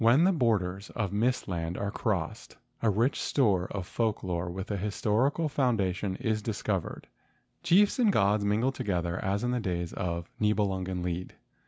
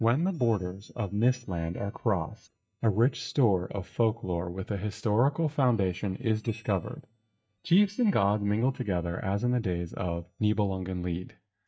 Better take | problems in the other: first | noise reduction (neural mask model DeepFilterNet 3)

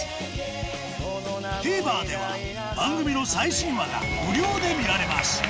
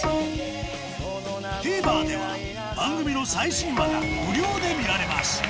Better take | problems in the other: first | background sound (Bowed string instrument); 5 dB below the speech

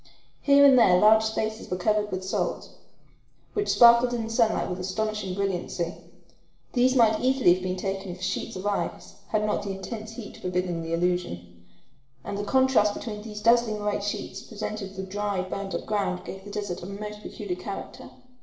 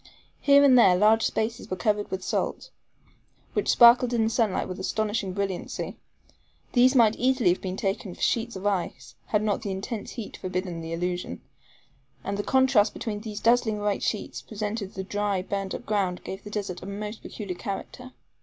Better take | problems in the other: second | noise reduction (neural separator model SepFormer DNS4)

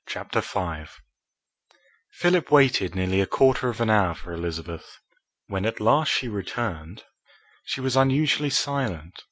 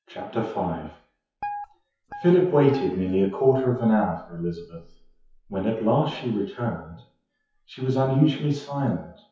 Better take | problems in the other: first | noise reduction (classical method WPE with log-MMSE)

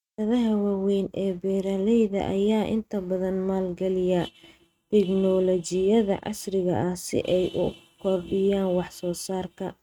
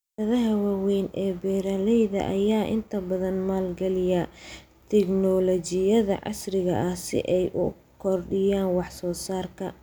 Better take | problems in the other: second | noise reduction (neural mask model RNNoise)

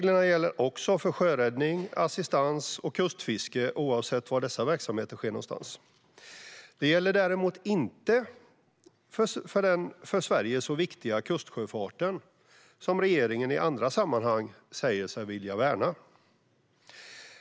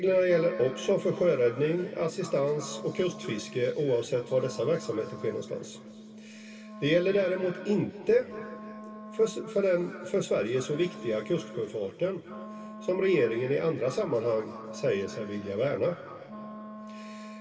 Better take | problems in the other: first | background sound (Wind instrument, woodwind instrument); 15 dB below the speech // room echo; dies away in 2.9 s

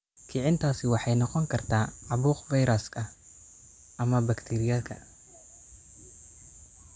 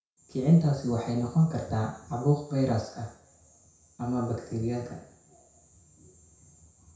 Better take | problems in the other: first | room echo; dies away in 0.6 s

